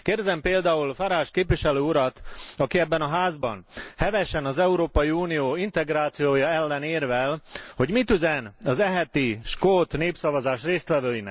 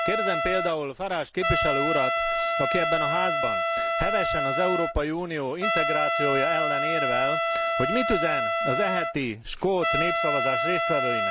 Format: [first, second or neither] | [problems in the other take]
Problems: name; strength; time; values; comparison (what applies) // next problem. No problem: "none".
first | background sound (Trumpet); 2 dB above the speech